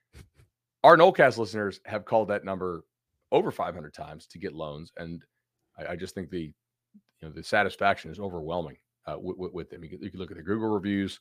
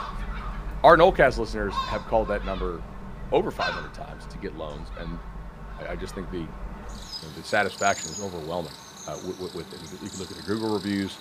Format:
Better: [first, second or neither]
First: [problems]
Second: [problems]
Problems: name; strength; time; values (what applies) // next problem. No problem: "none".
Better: first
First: none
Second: animal sounds; noticeable; throughout; 10 dB below the speech